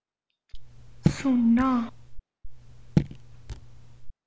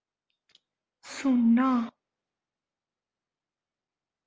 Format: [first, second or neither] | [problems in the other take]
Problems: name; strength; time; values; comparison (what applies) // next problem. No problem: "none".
second | background sound (Raindrop / Drip); 2 dB below the speech